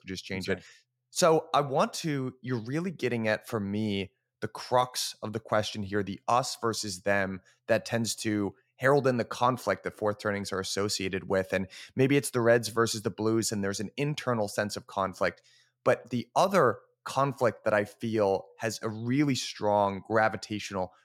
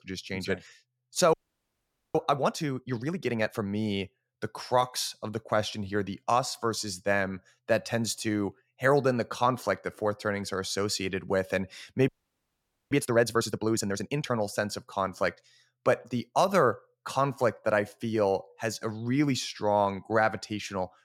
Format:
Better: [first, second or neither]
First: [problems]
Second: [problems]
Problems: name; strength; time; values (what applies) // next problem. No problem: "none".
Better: first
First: none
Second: audio freezing; at 1.5 s for 1 s and at 12 s for 1 s